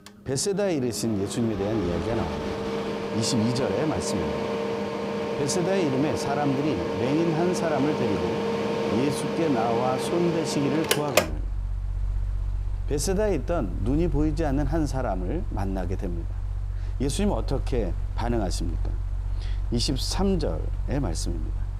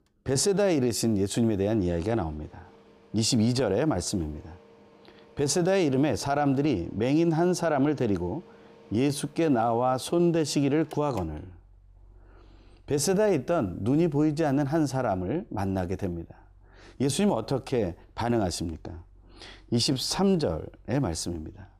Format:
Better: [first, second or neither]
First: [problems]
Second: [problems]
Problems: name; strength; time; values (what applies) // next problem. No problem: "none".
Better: second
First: machinery noise; loud; throughout; 2 dB below the speech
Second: machinery noise; faint; throughout; 30 dB below the speech